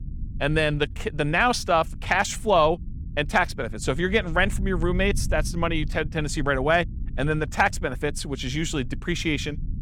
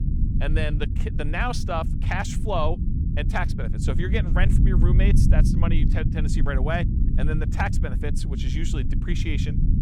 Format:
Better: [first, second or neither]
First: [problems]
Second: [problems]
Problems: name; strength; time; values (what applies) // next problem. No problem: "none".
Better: first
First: low rumble; faint; throughout; 25 dB below the speech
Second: low rumble; loud; throughout; 7 dB below the speech